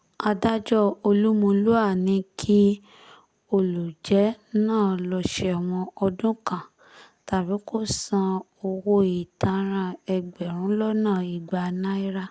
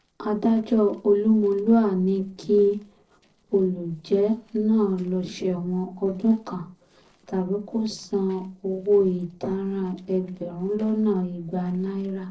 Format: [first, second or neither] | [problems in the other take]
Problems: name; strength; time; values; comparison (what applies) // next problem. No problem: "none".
first | noise reduction (neural separator model SepFormer DNS4)